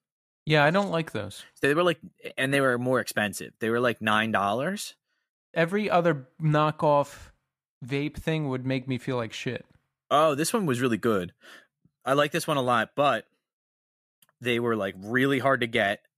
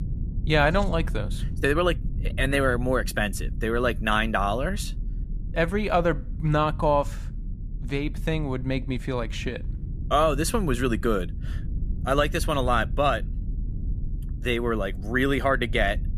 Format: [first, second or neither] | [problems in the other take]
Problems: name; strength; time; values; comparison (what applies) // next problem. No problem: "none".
first | low rumble; faint; throughout; 20 dB below the speech